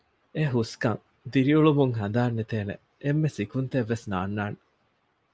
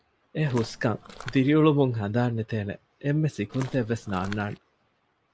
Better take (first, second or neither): first